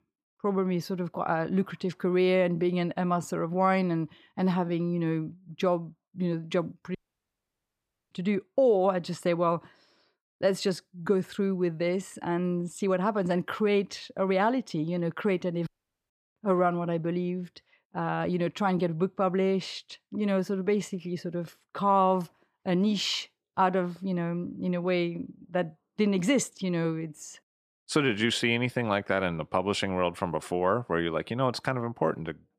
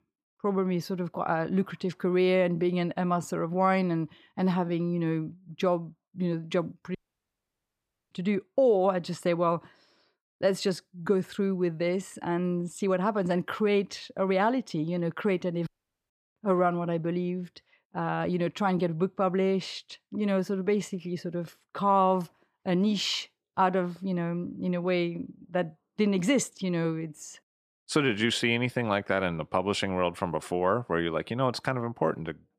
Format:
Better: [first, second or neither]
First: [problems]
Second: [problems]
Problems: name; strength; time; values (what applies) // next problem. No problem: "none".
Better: neither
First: audio cutting out; at 7 s for 1 s and at 16 s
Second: audio cutting out; at 7 s for 1 s and at 16 s